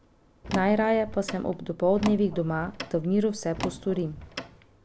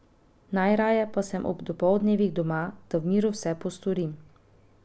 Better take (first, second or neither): second